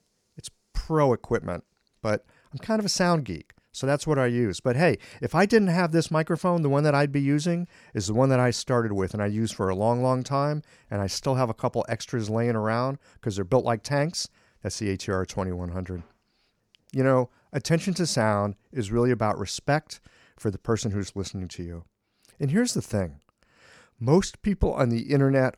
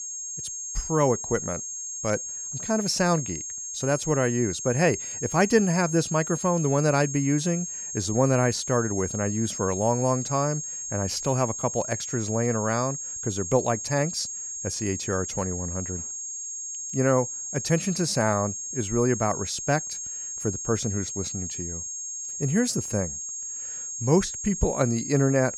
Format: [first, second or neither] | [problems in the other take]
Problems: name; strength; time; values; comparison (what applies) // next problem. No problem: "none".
first | high-pitched whine; loud; throughout; 6.5 kHz, 5 dB below the speech